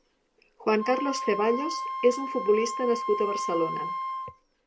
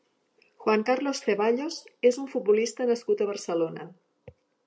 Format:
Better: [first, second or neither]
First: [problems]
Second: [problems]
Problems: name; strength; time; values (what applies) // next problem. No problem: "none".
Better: second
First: background sound (Wind instrument, woodwind instrument); 5 dB below the speech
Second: none